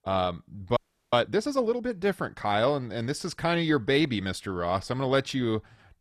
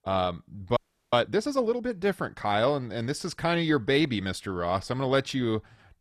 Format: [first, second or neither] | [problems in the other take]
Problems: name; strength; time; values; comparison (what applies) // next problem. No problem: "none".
neither | audio freezing; at 1 s; the same in both